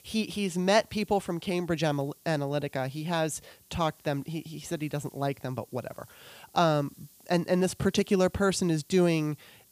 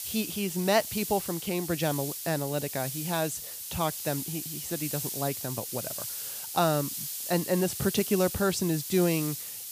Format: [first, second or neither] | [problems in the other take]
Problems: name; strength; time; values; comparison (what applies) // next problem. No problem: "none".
first | hiss; loud; throughout; 4 dB below the speech; faint in the first